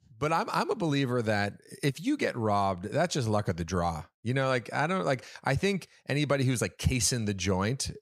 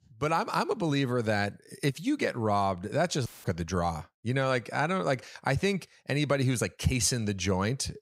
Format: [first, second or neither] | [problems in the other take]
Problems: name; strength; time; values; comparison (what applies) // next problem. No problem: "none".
first | audio cutting out; filled with static; at 3.5 s